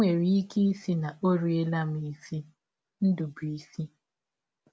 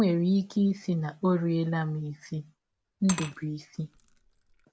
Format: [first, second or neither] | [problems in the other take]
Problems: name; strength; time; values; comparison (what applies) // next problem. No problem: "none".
first | background sound (Glass / Liquid); 16 dB below the speech